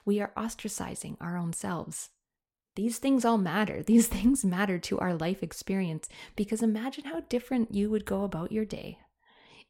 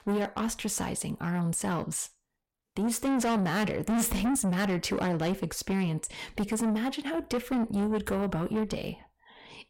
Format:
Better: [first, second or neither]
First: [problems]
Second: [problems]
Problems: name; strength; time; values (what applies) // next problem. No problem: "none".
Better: first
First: none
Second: distortion; heavy; 6 dB below the speech